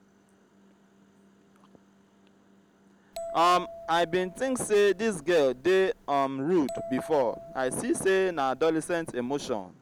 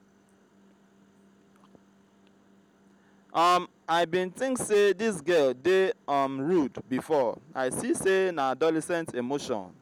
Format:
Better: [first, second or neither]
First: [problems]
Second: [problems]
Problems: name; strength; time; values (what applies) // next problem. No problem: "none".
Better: second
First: background sound (Bell); 15 dB below the speech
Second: none